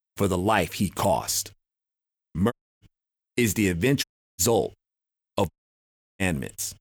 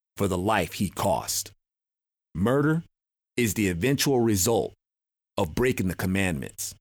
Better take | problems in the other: second | audio cutting out; at 2.5 s, at 4 s and at 5.5 s for 0.5 s

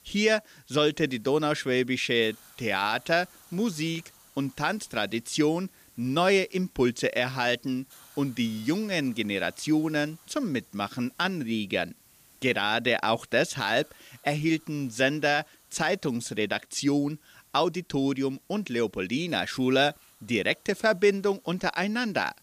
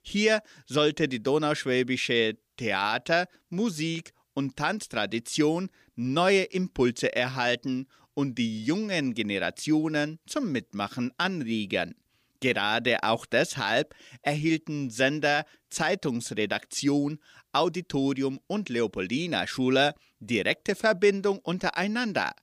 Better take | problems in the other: second | hiss; faint; throughout; 25 dB below the speech

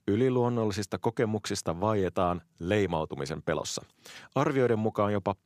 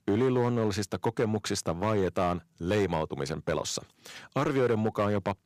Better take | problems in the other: first | distortion; slight; 5% of the sound clipped

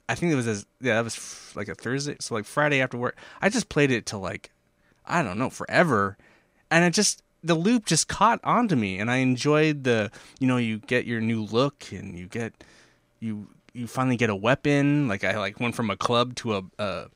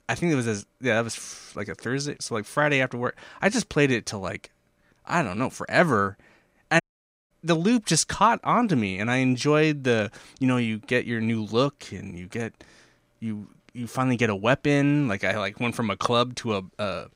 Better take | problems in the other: first | audio cutting out; at 7 s for 0.5 s

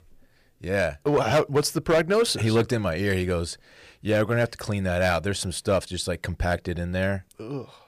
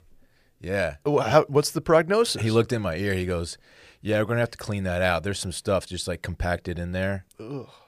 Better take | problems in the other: second | distortion; slight; 3% of the sound clipped

